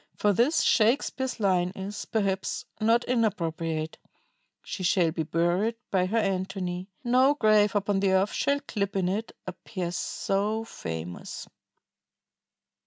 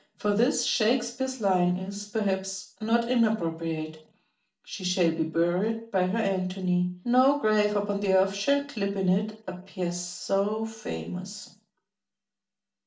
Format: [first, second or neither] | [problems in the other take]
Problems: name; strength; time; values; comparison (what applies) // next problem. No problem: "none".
first | room echo; dies away in 0.4 s